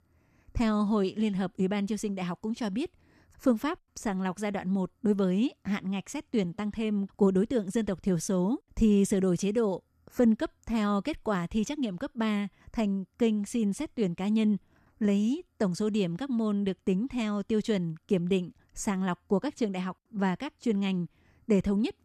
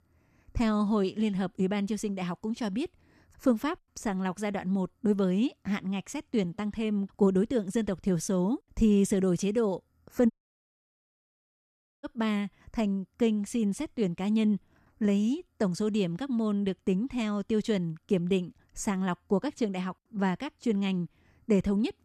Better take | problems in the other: first | audio cutting out; at 10 s for 1.5 s

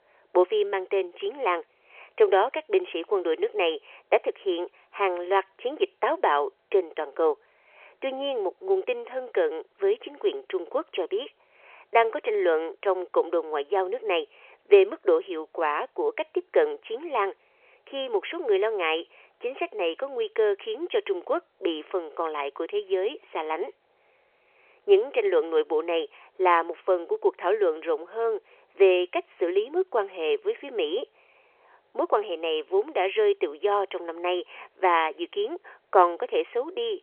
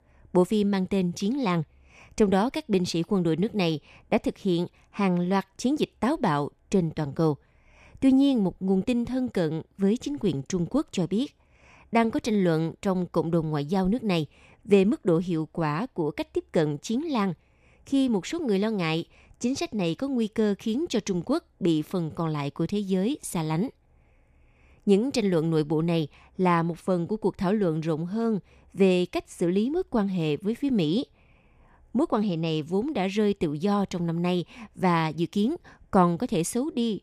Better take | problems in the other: second | phone-call audio; nothing above 3.5 kHz

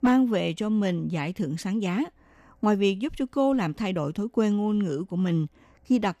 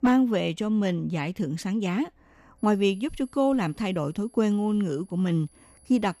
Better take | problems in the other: first | high-pitched whine; faint; from 2.5 s on; 10.5 kHz, 30 dB below the speech

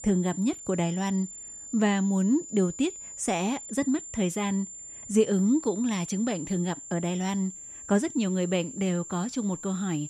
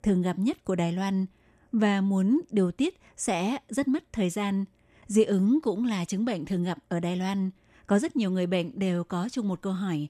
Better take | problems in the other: second | high-pitched whine; noticeable; throughout; 7.5 kHz, 10 dB below the speech

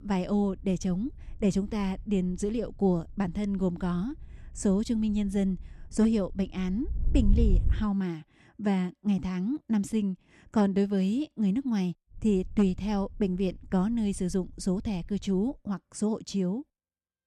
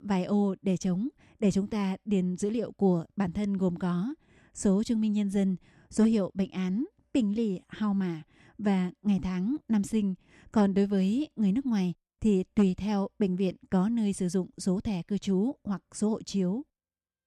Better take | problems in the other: second | wind noise on the microphone; occasional gusts; until 8 s and from 12 to 16 s; 20 dB below the speech

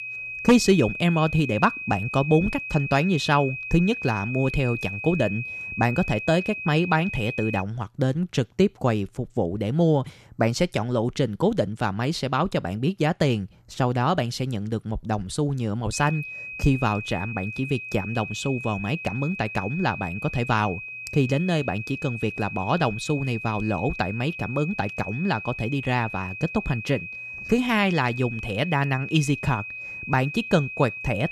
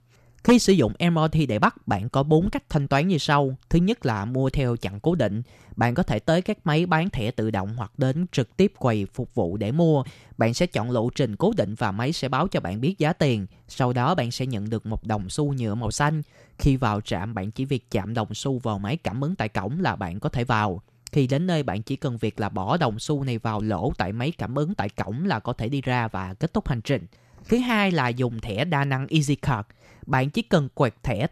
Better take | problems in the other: second | high-pitched whine; loud; until 7.5 s and from 16 s on; 2.5 kHz, 8 dB below the speech

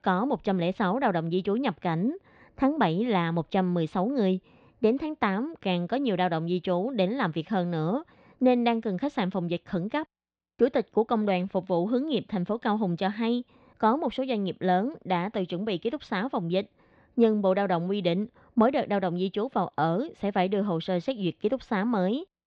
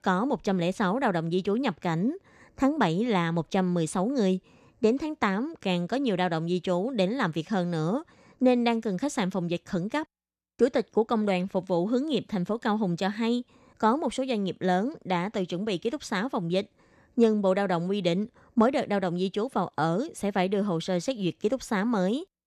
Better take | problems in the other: second | muffled; slightly; fading above 3.5 kHz

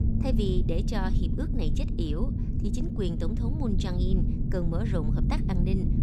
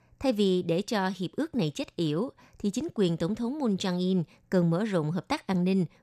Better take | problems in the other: second | low rumble; loud; throughout; 3 dB below the speech

